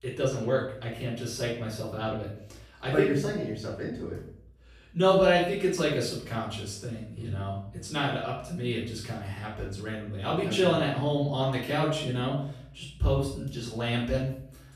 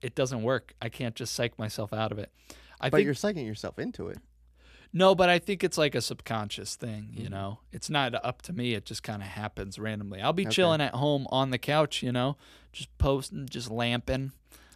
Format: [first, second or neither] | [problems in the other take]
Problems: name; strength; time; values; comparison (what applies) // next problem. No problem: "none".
second | off-mic speech; far // room echo; noticeable; dies away in 0.5 s